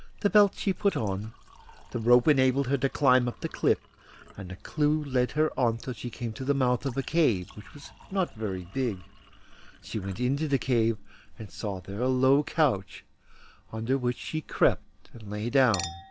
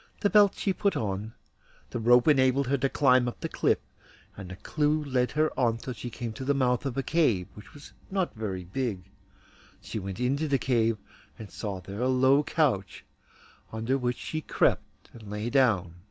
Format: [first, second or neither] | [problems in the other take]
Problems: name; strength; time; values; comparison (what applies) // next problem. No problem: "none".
second | background sound (Chink, clink); 19 dB below the speech